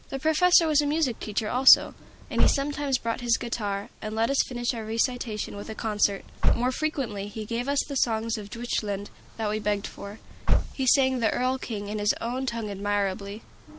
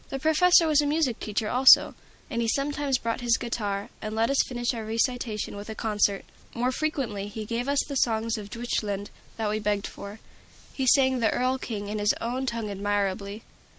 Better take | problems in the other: second | background sound (Slam / Car); 3 dB below the speech

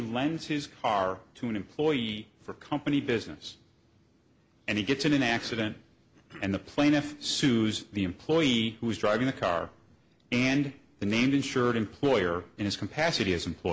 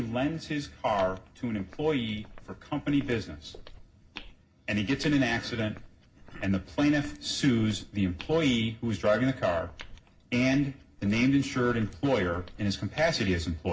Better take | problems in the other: first | background sound (Walk, footsteps); 19 dB below the speech // room echo; dies away in 0.4 s

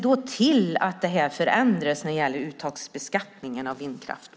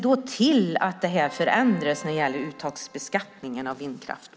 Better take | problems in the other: first | background sound (Keyboard (musical)); 20 dB below the speech

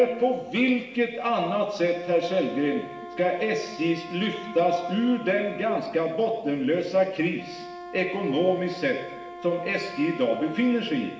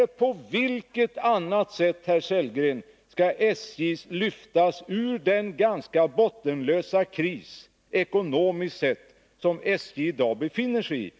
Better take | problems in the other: second | background sound (Wind instrument, woodwind instrument); 15 dB below the speech // room echo; dies away in 1 s

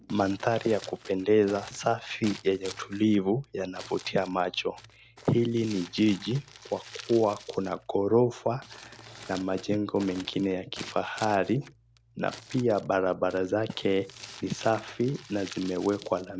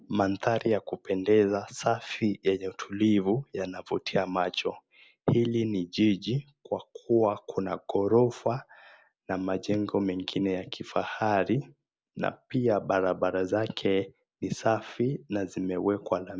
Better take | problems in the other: second | background sound (Crumpling, crinkling); 19 dB below the speech

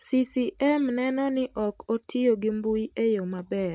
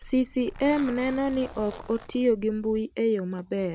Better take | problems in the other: first | background sound (Zipper (clothing)); 17 dB below the speech

